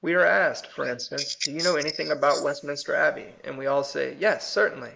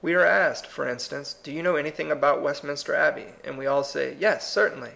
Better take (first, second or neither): second